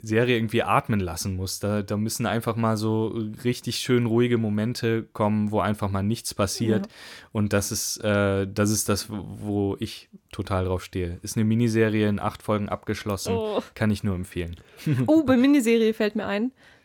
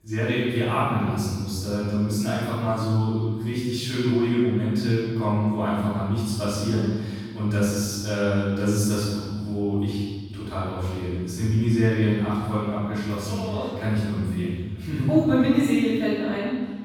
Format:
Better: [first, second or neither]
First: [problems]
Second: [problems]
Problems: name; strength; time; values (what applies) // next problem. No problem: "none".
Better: first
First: none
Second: room echo; strong; dies away in 1.7 s // off-mic speech; far